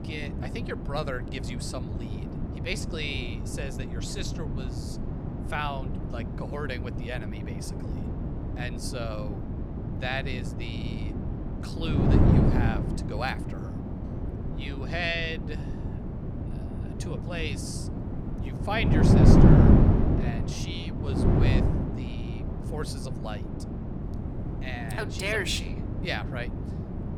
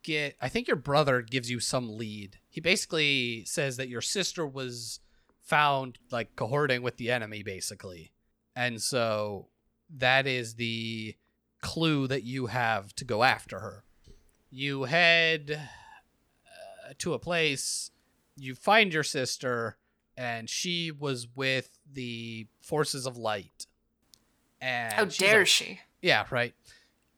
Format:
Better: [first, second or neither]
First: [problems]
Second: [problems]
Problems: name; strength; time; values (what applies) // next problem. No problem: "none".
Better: second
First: wind noise on the microphone; heavy; 1 dB below the speech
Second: none